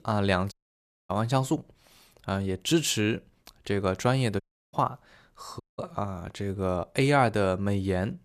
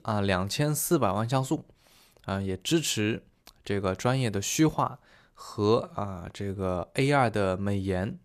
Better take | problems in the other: second | audio cutting out; at 0.5 s for 0.5 s, at 4.5 s and at 5.5 s

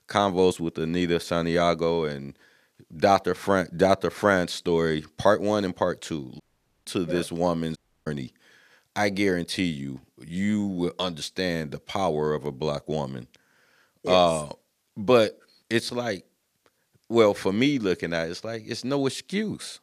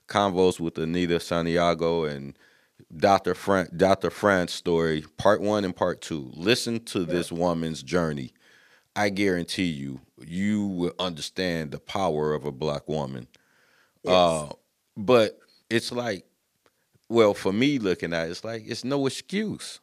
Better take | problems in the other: second | audio cutting out; at 6.5 s and at 8 s

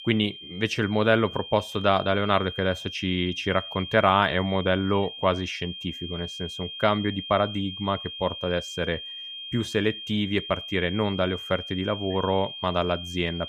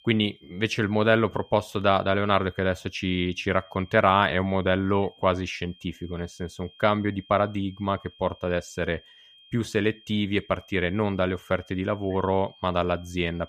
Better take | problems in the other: second | high-pitched whine; loud; throughout; 3 kHz, 10 dB below the speech; faint in the second

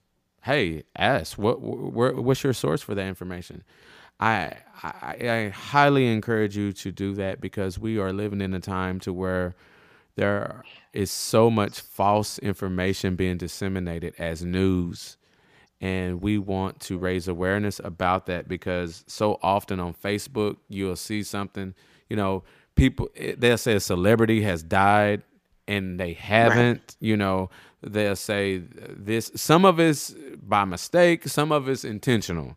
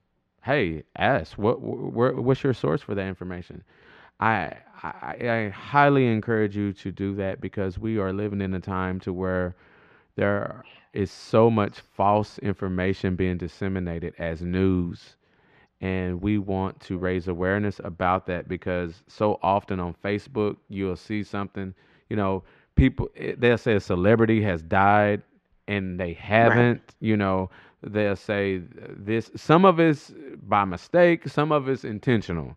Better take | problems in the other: first | muffled; slightly; fading above 2.5 kHz

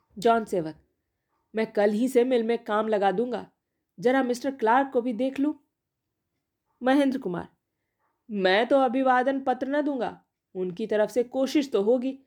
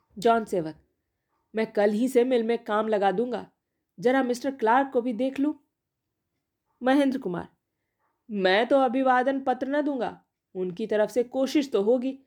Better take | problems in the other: neither | none

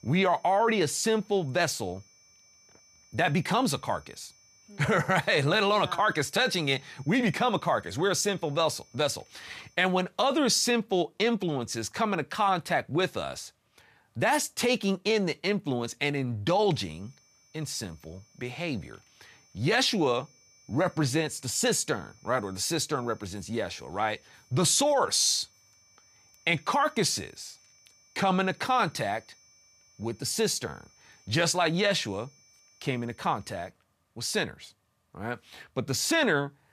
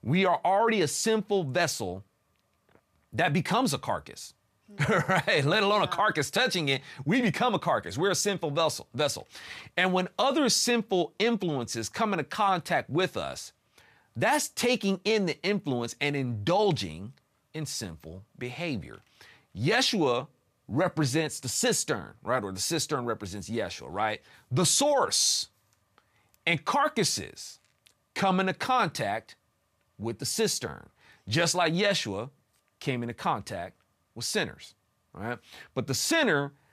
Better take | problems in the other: second | high-pitched whine; faint; until 10 s and from 17 to 34 s; 6 kHz, 30 dB below the speech

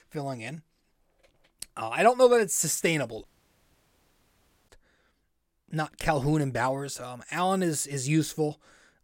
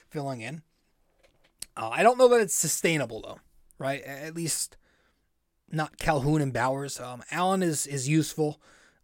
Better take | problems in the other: second | audio cutting out; at 3 s for 1.5 s

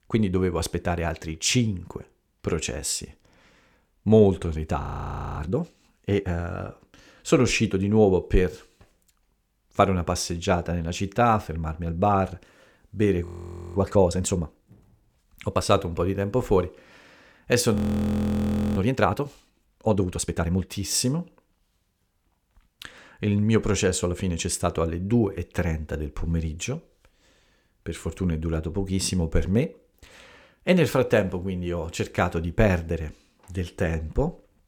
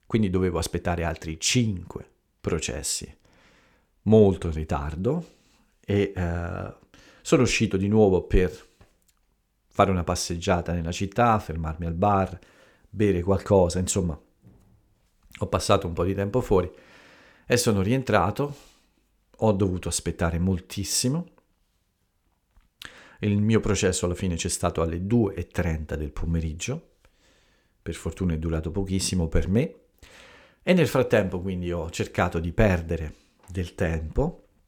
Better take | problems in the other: second | audio freezing; at 5 s for 0.5 s, at 13 s and at 18 s for 1 s

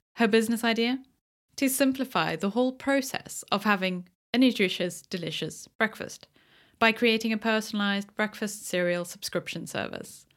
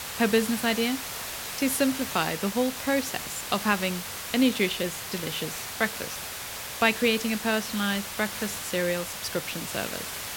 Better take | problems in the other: first | hiss; loud; throughout; 6 dB below the speech

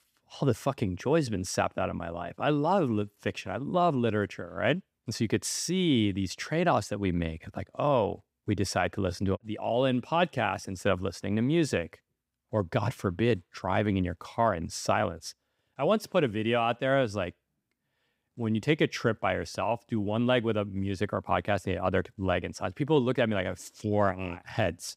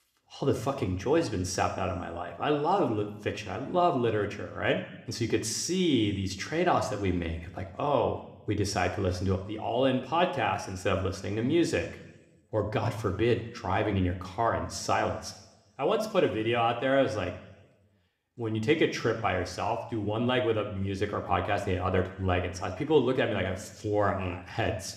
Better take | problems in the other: first | room echo; slight; dies away in 0.8 s

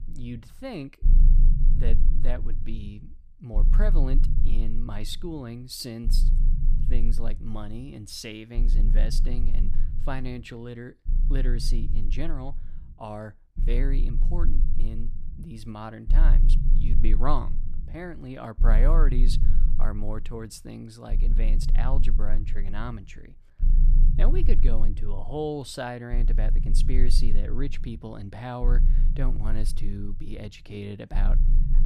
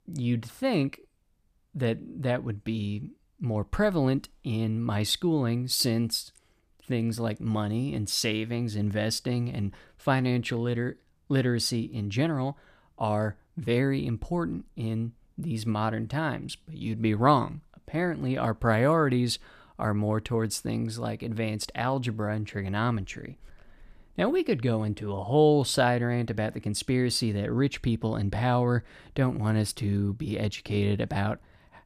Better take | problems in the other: second | low rumble; noticeable; throughout; 10 dB below the speech

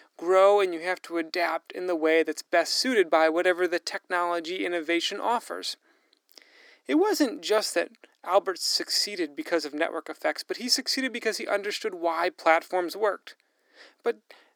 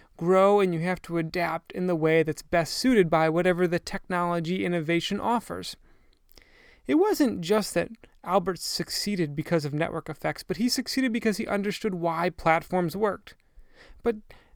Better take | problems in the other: second | thin; somewhat; fading below 300 Hz

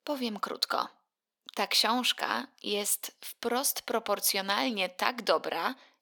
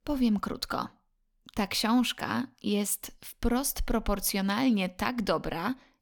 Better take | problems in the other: second | thin; somewhat; fading below 500 Hz

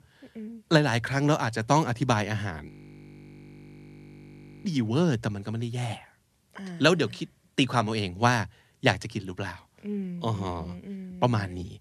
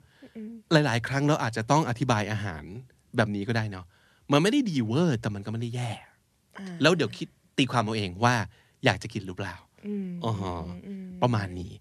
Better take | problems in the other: second | audio freezing; at 2.5 s for 2 s

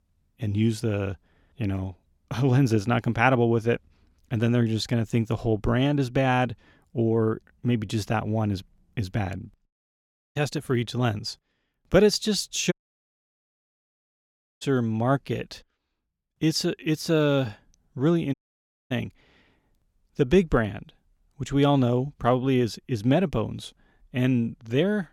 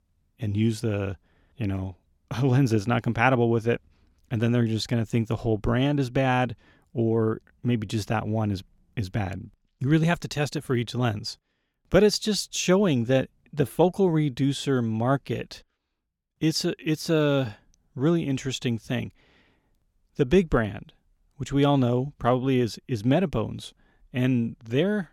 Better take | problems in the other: second | audio cutting out; at 9.5 s for 0.5 s, at 13 s for 2 s and at 18 s for 0.5 s

